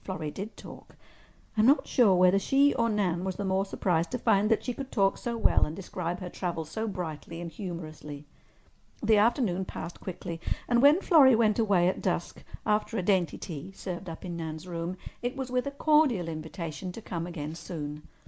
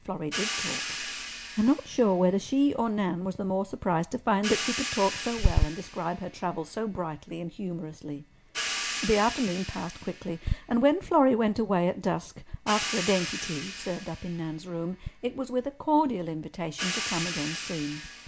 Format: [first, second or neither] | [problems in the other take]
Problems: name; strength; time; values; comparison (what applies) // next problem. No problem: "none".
first | background sound (Hi-hat); 9 dB below the speech